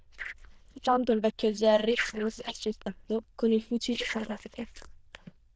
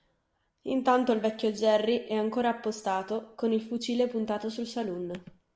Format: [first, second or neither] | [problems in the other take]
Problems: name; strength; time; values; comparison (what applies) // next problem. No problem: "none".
second | noise reduction (neural diffusion model UNIVERSE++)